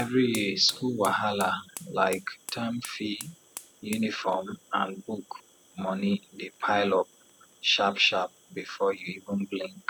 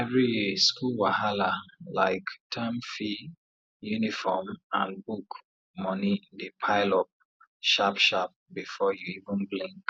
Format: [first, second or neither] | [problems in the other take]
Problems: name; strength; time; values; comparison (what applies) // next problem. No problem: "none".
second | background sound (Fire); 19 dB below the speech